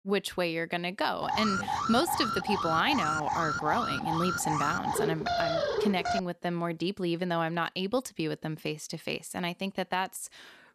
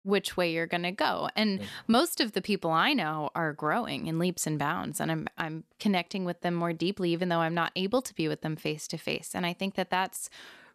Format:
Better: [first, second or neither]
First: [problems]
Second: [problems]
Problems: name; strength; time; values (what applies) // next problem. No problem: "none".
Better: second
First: alarm; loud; from 1 to 6 s; peak 2 dB above the speech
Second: none